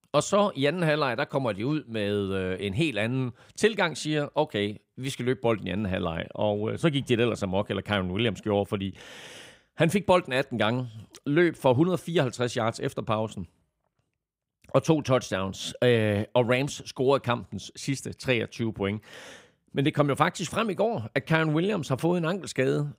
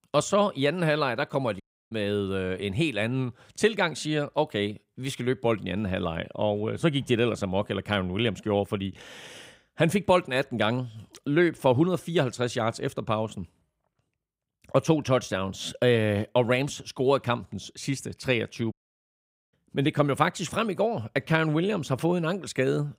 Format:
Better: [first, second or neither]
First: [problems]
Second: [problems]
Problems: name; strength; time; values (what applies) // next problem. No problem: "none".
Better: first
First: none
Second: audio cutting out; at 1.5 s and at 19 s for 1 s